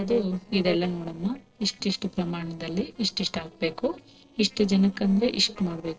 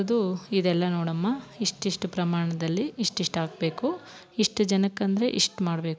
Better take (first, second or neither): second